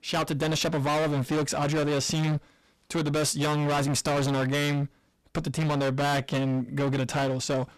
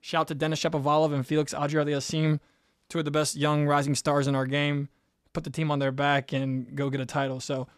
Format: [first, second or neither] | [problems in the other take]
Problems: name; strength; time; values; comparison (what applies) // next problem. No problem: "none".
second | distortion; heavy; 30% of the sound clipped